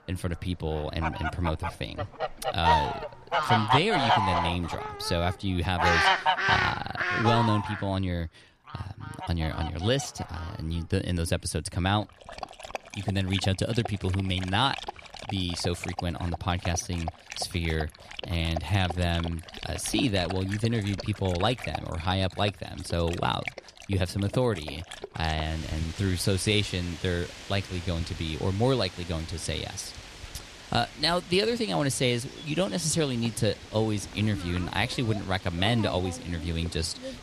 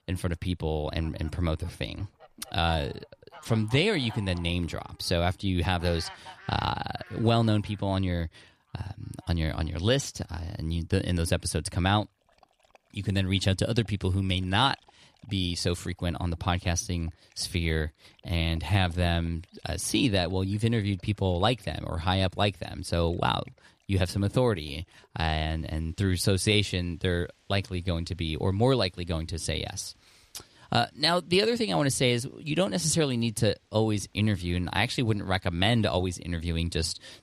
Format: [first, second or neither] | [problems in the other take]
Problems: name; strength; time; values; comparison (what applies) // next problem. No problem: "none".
second | animal sounds; loud; throughout; 4 dB below the speech; faint in the second